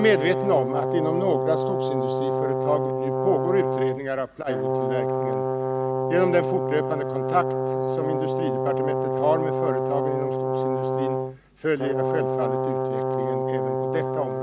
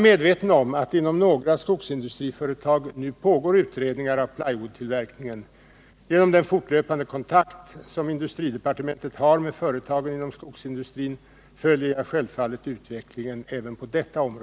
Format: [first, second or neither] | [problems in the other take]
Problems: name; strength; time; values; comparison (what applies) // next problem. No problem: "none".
second | background sound (Brass instrument); 2 dB above the speech